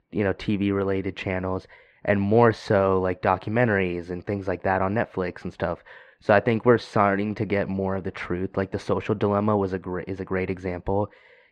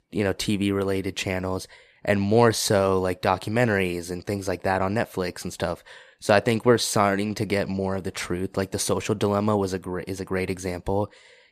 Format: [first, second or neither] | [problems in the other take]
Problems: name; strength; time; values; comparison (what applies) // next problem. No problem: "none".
second | muffled; very; fading above 2 kHz